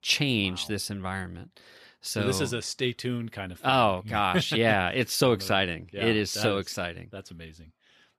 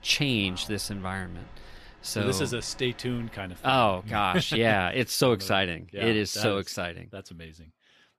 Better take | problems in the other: first | train or aircraft noise; faint; until 4.5 s; 25 dB below the speech

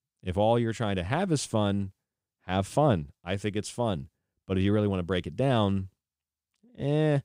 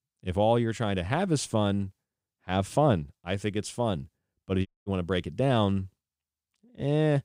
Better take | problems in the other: first | audio cutting out; at 4.5 s

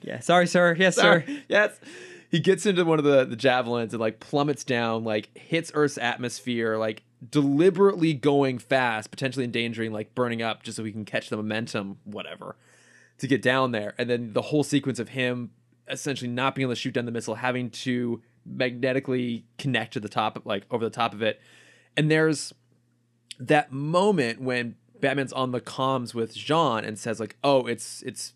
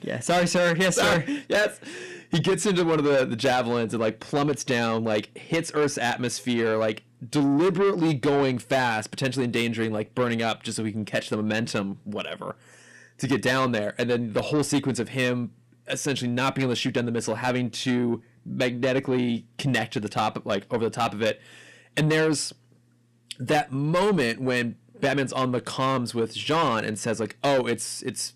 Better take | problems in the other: first | distortion; heavy; 7 dB below the speech

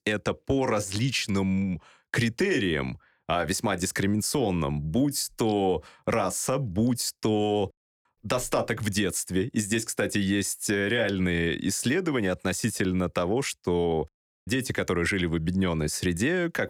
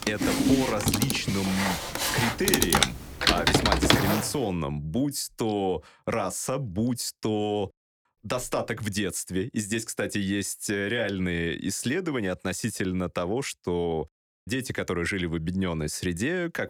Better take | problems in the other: first | household noises; very loud; until 4 s; 4 dB above the speech

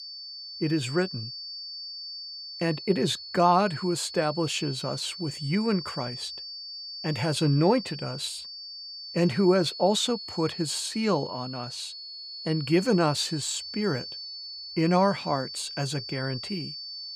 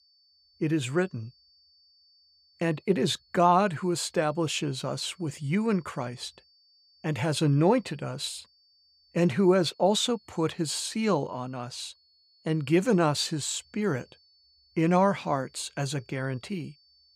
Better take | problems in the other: second | high-pitched whine; loud; throughout; 4.5 kHz, 9 dB below the speech; faint in the second

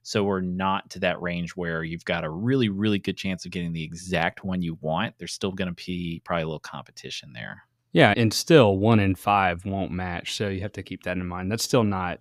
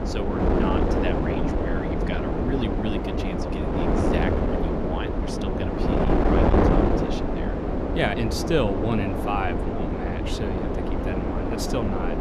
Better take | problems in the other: first | wind noise on the microphone; heavy; 4 dB above the speech

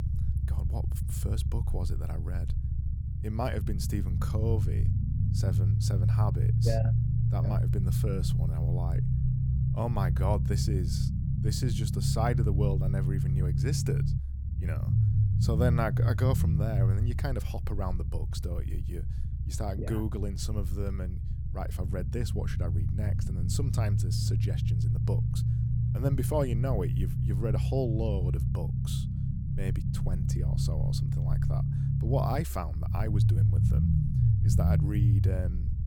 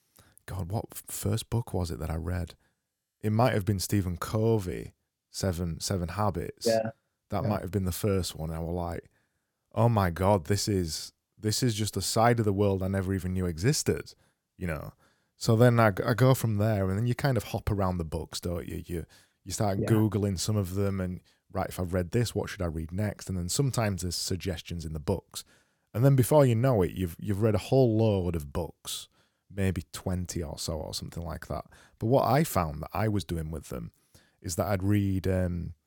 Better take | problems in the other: second | low rumble; loud; throughout; 3 dB below the speech

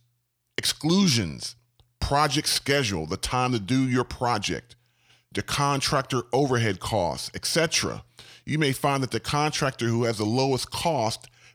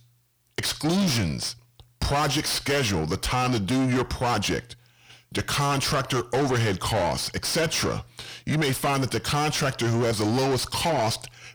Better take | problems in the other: first | distortion; heavy; 6 dB below the speech

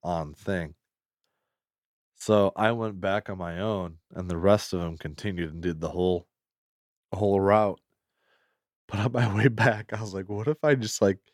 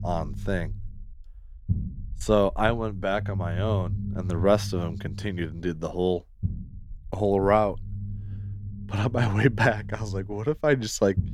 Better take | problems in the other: first | low rumble; faint; throughout; 20 dB below the speech

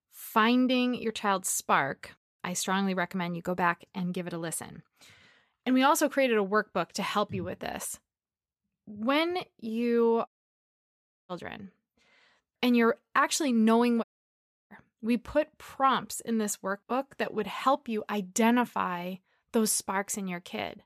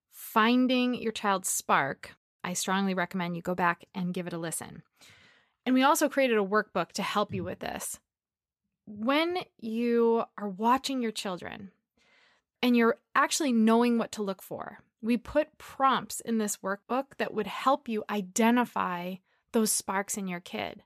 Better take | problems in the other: second | audio cutting out; at 10 s for 1 s and at 14 s for 0.5 s

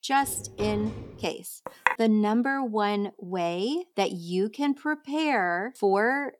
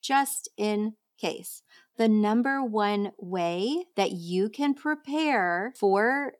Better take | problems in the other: second | footsteps; noticeable; until 1.5 s; peak 10 dB below the speech // clattering dishes; noticeable; at 1.5 s; peak level with the speech

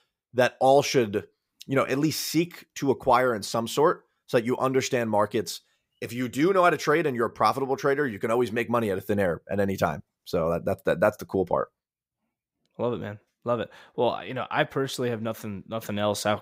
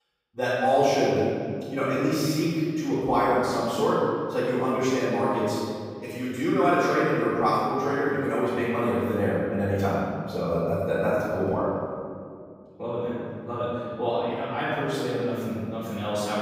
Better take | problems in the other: first | off-mic speech; far // room echo; strong; dies away in 2.1 s

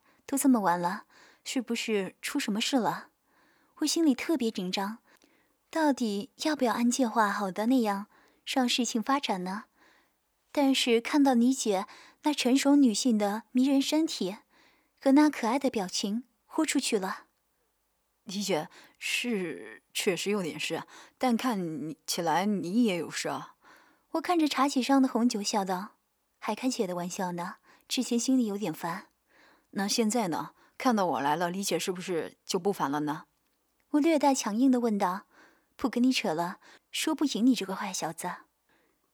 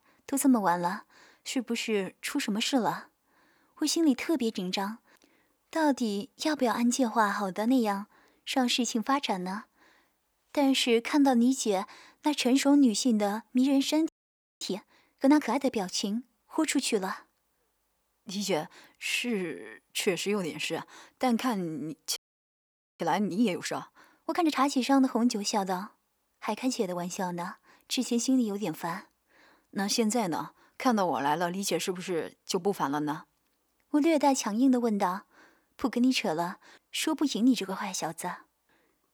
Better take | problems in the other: first | audio freezing; at 14 s for 0.5 s and at 22 s for 1 s

